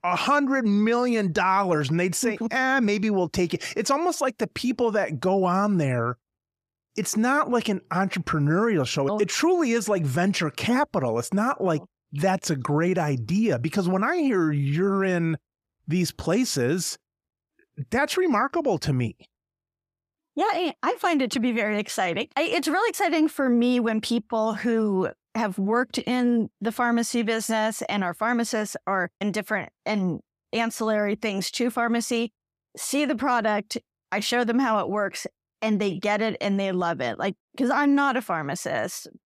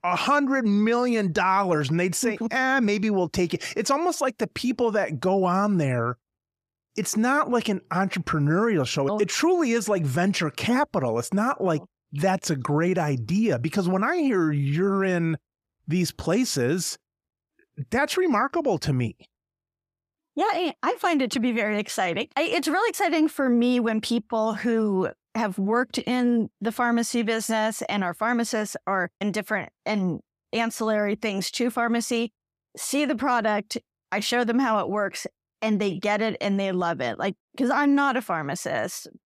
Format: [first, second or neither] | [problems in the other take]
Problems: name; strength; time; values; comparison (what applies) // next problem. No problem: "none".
neither | none